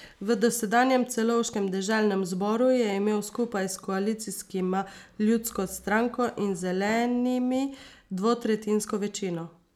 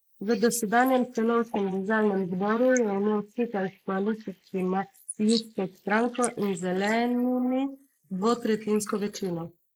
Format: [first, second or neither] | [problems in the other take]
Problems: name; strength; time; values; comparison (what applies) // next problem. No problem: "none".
first | noise reduction (neural mask model Resemble Enhance denoiser)